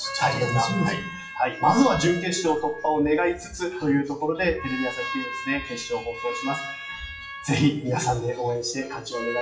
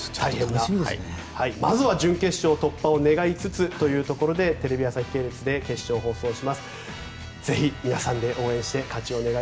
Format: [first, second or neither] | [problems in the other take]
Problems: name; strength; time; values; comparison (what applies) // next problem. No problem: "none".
second | noise reduction (classical method WPE with log-MMSE)